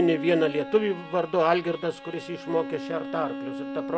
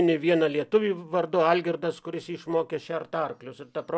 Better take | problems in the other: second | background sound (Bowed string instrument); 10 dB below the speech

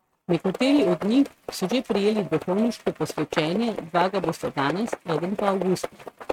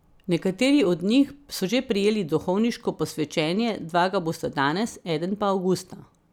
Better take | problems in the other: second | noise reduction (neural mask model RNNoise)

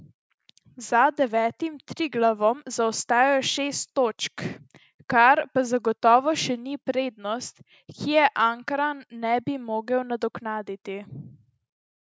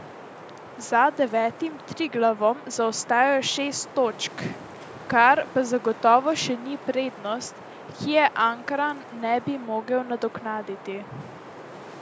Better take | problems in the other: first | background sound (Wind); 17 dB below the speech

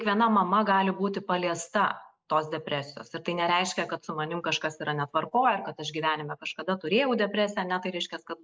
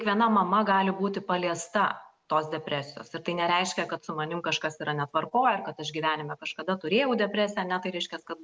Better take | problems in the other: second | noise reduction (neural mask model Resemble Enhance denoiser)

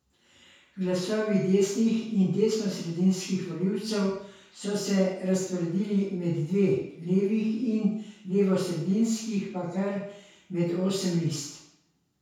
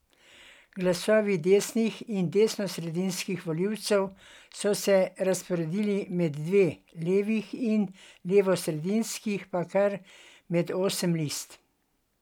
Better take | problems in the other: second | room echo; dies away in 0.6 s

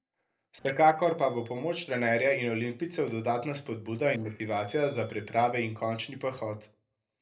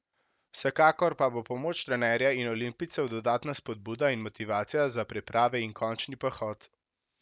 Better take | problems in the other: second | noise reduction (neural separator model SepFormer DNS4)

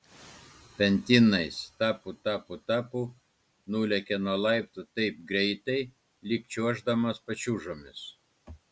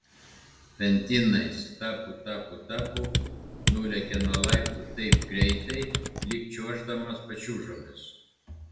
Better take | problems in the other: first | background sound (Computer keyboard); 3 dB above the speech // room echo; dies away in 0.7 s

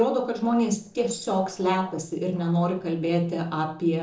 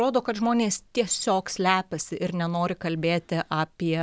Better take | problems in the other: second | noise reduction (neural separator model SepFormer DNS4)

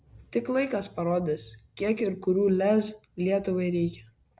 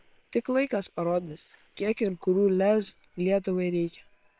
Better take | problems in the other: first | noise reduction (neural separator model SepFormer WHAM!)

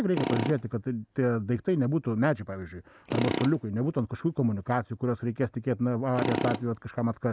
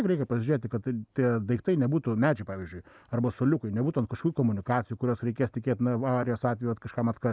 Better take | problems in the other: second | background sound (Tools); 9 dB below the speech

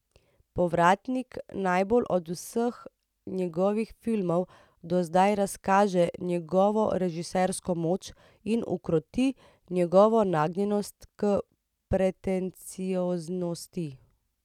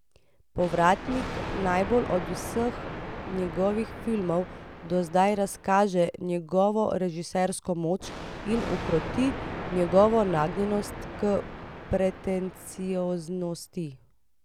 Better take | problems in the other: first | background sound (Thunder); 10 dB below the speech

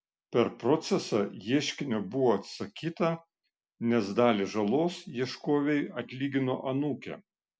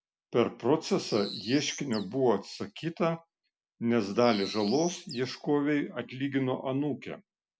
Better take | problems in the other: first | background sound (Bird); 12 dB below the speech

